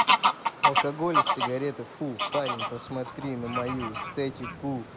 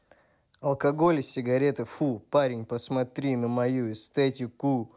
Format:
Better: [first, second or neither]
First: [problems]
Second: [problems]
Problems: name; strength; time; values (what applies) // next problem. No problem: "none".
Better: second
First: background sound (Bird vocalization, bird call, bird song / Fowl); 4 dB above the speech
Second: none